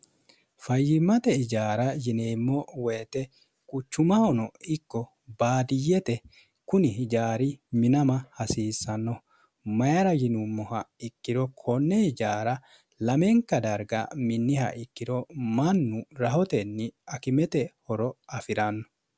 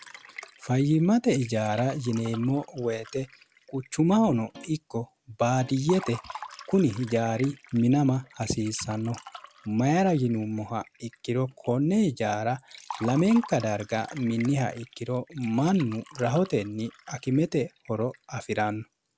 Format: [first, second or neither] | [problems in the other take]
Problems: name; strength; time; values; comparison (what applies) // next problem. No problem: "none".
first | background sound (Guitar + Liquid); 20 dB below the speech